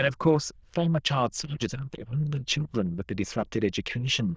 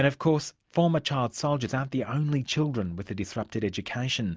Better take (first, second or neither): second